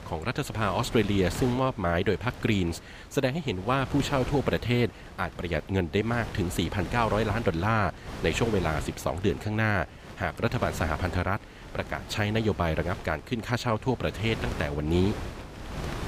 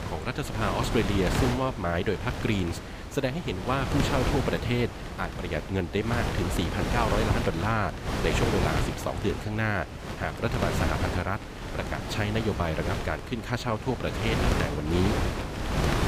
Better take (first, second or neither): first